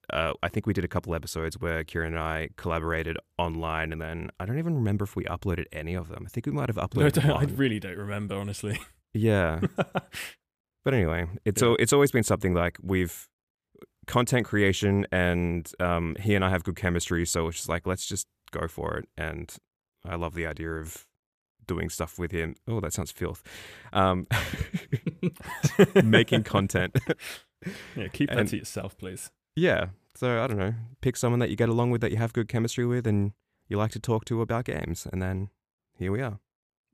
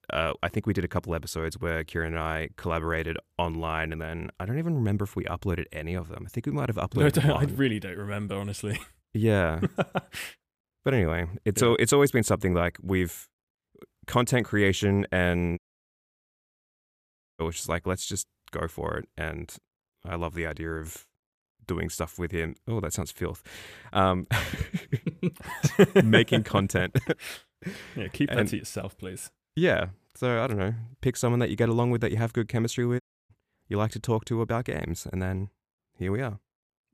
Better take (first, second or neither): first